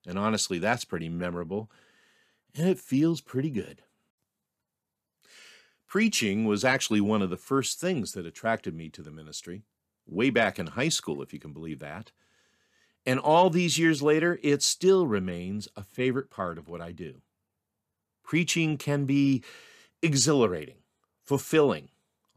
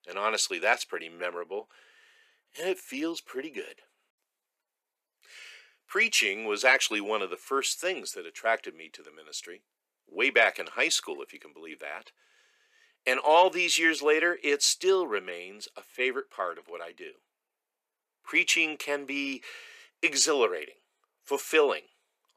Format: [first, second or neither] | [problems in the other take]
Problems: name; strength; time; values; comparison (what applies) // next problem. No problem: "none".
first | thin; very; fading below 400 Hz